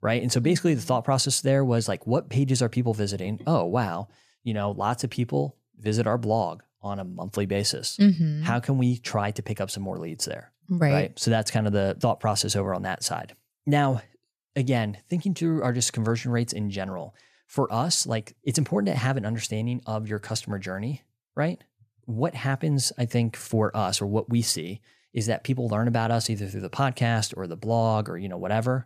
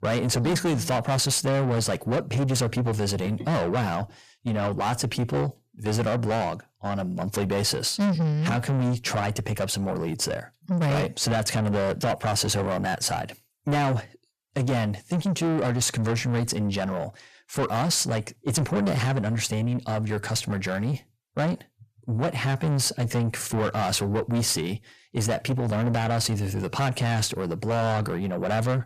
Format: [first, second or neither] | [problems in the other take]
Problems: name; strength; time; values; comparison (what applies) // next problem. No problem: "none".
first | distortion; heavy; 6 dB below the speech